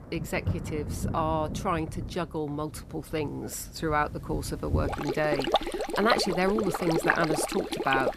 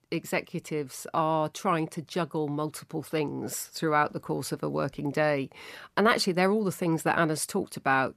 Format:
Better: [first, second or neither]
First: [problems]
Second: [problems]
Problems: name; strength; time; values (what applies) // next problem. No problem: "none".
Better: second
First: rain or running water; loud; throughout; 2 dB below the speech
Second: none